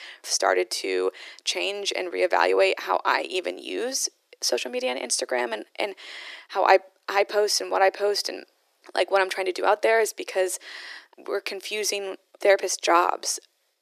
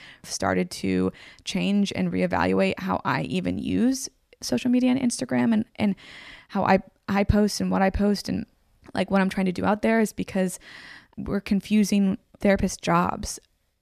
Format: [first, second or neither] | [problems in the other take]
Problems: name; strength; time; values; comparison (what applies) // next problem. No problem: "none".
second | thin; very; fading below 350 Hz